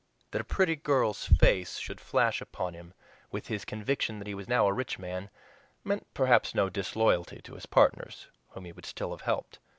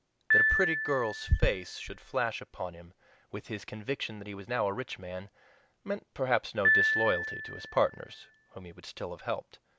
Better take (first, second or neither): first